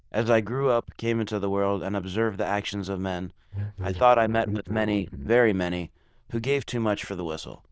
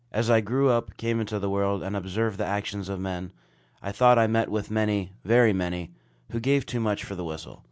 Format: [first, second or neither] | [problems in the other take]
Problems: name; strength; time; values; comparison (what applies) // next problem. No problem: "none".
second | noise reduction (neural diffusion model UNIVERSE++)